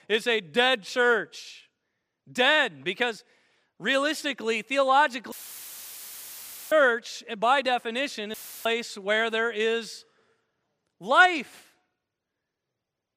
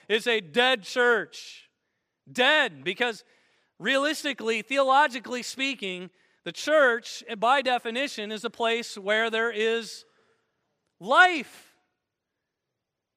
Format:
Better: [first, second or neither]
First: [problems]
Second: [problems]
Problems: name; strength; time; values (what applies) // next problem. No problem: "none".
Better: second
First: audio cutting out; filled with static; at 5.5 s for 1.5 s and at 8.5 s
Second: none